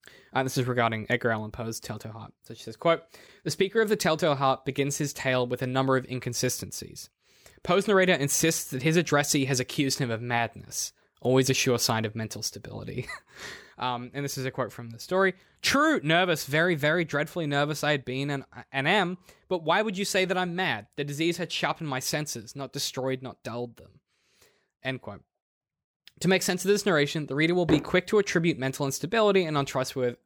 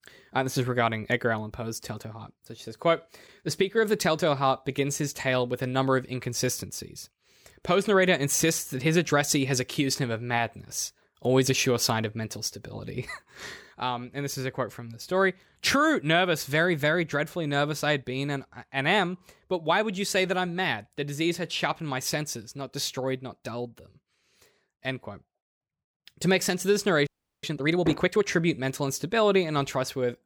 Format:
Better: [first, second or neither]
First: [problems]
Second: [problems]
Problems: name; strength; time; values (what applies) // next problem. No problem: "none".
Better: first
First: none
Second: audio freezing; at 27 s